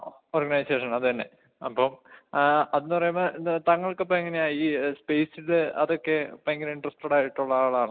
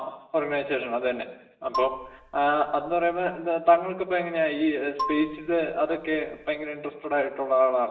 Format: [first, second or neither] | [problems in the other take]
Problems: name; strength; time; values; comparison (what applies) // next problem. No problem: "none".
first | background sound (Marimba, xylophone); 11 dB below the speech // room echo; dies away in 0.8 s